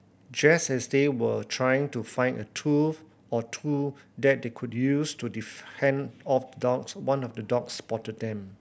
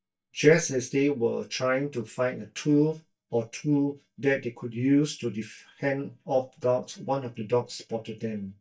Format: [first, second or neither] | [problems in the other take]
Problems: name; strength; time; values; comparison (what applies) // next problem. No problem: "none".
first | noise reduction (neural mask model DeepFilterNet 3)